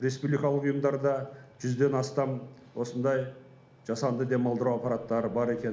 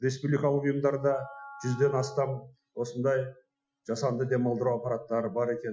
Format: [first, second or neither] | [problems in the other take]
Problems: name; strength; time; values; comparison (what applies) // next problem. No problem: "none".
first | noise reduction (classical method Wiener filter)